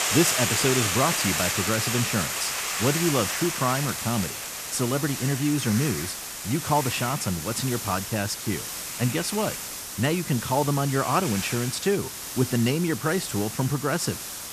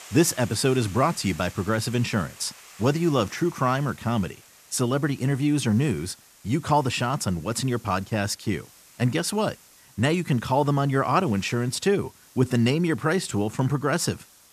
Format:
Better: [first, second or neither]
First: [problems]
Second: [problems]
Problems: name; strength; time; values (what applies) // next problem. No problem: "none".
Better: second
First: hiss; loud; throughout; 2 dB below the speech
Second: hiss; faint; throughout; 20 dB below the speech